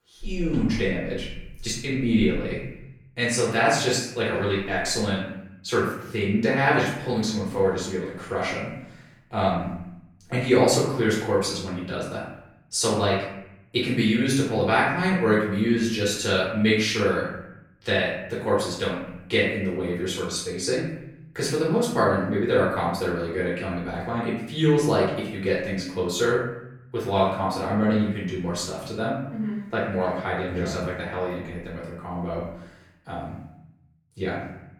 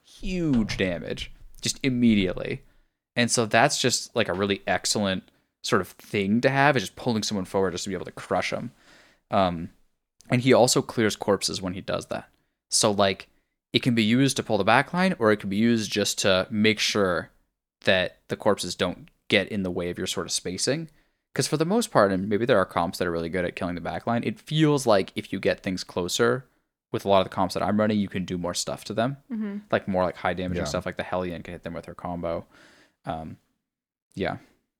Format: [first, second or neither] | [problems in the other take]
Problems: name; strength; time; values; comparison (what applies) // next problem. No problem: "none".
second | off-mic speech; far // room echo; noticeable; dies away in 0.8 s